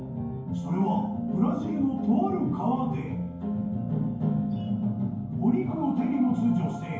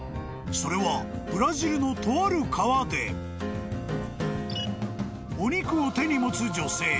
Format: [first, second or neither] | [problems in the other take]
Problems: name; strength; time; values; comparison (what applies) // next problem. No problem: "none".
second | room echo; dies away in 0.9 s